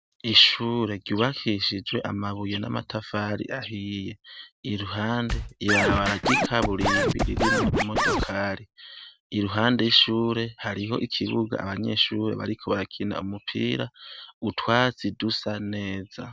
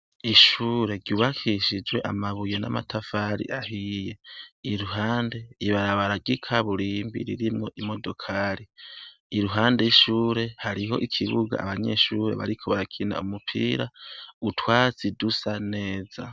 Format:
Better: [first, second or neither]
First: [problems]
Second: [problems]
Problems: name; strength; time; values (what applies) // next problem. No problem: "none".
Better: second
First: background sound (Scratching (performance technique)); 2 dB above the speech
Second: none